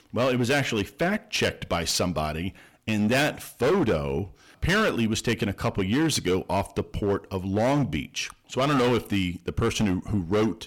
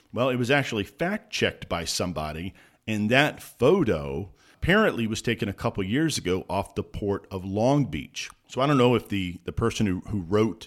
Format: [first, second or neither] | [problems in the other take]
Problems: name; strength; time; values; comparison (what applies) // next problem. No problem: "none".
second | distortion; heavy; 12% of the sound clipped